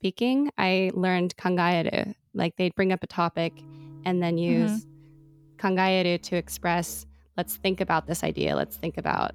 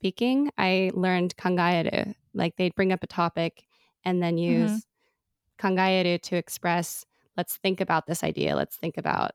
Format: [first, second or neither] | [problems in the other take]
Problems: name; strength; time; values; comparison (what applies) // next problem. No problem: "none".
second | background music; faint; from 3.5 s on; 25 dB below the speech